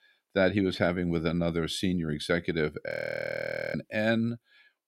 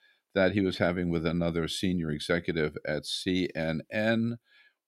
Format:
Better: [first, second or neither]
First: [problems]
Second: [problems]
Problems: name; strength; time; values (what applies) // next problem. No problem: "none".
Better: second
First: audio freezing; at 3 s for 1 s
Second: none